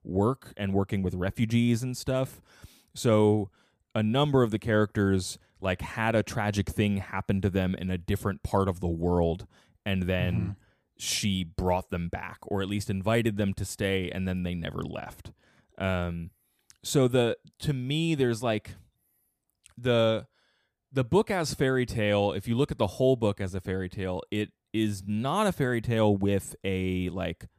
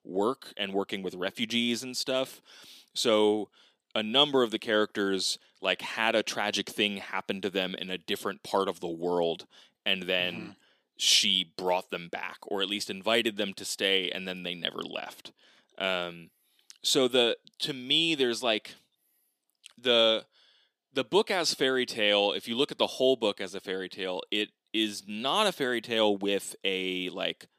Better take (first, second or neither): first